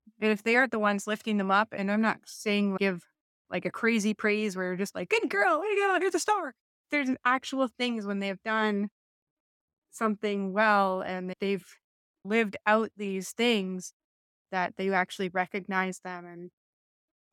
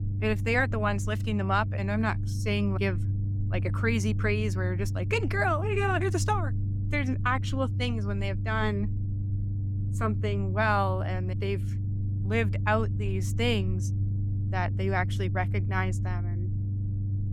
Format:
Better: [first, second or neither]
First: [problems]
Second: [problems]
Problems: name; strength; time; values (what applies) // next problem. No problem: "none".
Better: first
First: none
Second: low rumble; noticeable; throughout; 15 dB below the speech